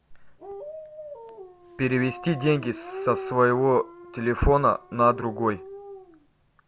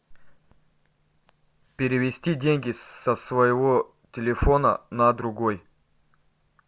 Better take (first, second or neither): second